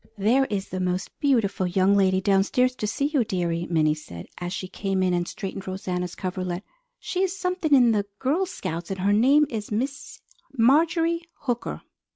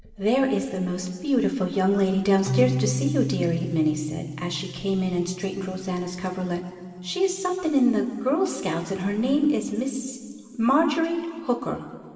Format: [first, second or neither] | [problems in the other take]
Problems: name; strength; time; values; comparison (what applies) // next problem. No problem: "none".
first | background sound (Keyboard (musical)); 11 dB below the speech // room echo; dies away in 2.5 s